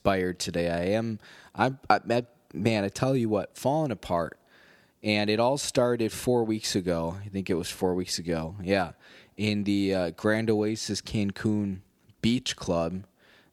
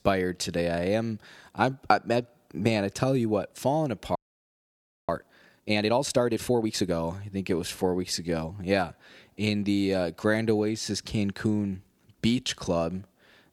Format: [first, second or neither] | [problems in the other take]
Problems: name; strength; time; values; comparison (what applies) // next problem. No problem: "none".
first | audio freezing; at 4 s for 1 s